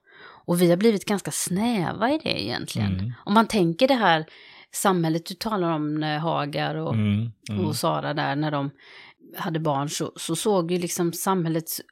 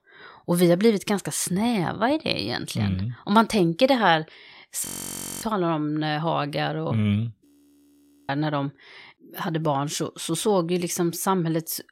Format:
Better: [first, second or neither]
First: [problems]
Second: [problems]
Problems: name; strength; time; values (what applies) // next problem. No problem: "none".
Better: first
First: none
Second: audio freezing; at 5 s for 0.5 s and at 7.5 s for 1 s